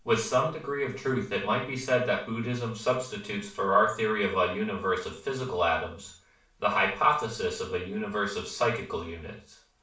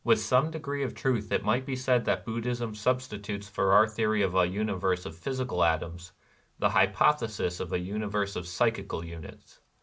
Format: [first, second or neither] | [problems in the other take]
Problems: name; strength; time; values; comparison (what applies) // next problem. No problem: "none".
second | room echo; dies away in 0.4 s